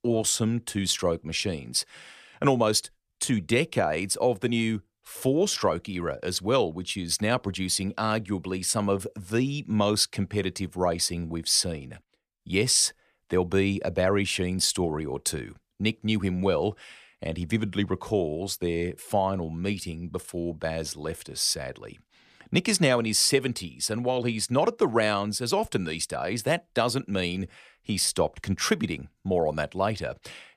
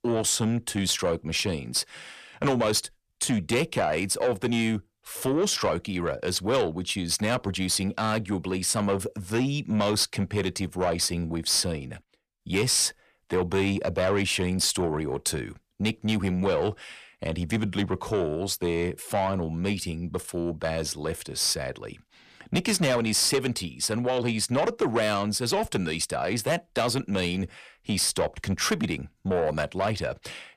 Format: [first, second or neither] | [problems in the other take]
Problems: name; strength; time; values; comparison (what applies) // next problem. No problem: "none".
first | distortion; slight; 10 dB below the speech